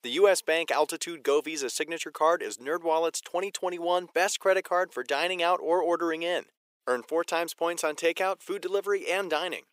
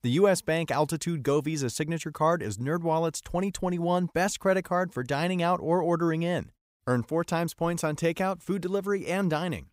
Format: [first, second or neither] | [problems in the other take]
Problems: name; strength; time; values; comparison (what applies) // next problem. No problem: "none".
second | thin; very; fading below 400 Hz